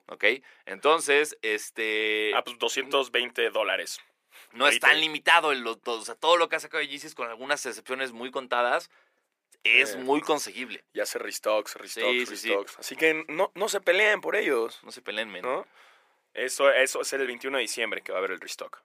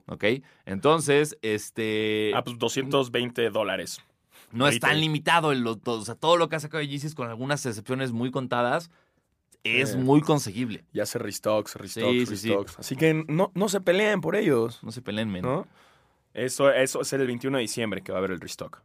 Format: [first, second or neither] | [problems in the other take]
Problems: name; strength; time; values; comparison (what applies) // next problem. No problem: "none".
second | thin; somewhat; fading below 400 Hz